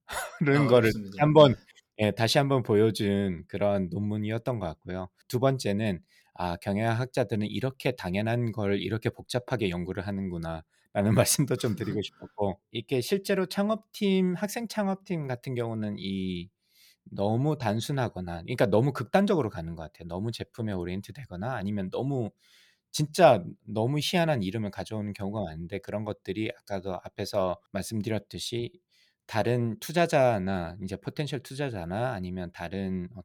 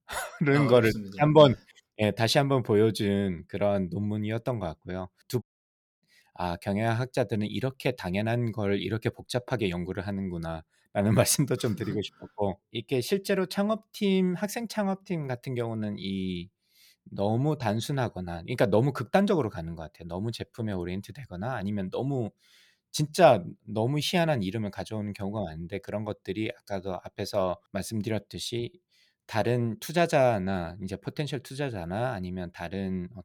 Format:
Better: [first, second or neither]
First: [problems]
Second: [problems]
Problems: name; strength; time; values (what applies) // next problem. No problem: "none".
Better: first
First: none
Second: audio cutting out; at 5.5 s for 0.5 s